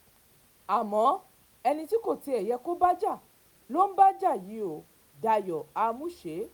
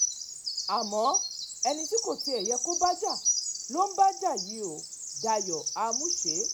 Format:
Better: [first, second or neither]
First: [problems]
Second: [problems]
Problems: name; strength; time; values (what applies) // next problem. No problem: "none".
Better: first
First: none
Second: background sound (Bird vocalization, bird call, bird song); 2 dB below the speech